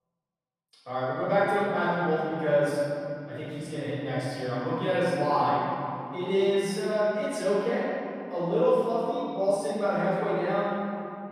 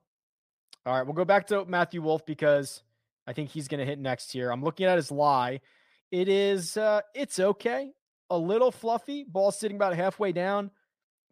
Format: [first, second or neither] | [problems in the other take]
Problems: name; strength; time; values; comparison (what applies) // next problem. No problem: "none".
second | room echo; strong; dies away in 2.6 s // off-mic speech; far